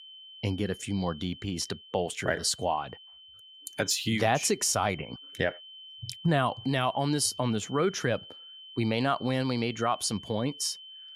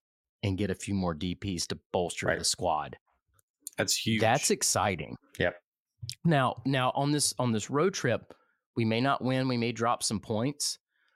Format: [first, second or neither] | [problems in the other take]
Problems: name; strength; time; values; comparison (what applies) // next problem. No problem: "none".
second | high-pitched whine; noticeable; throughout; 3 kHz, 15 dB below the speech